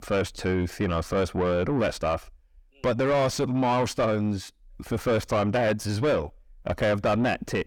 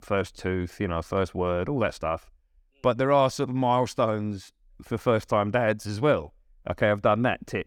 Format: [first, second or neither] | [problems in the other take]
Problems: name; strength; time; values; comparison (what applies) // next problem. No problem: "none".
second | distortion; heavy; 6 dB below the speech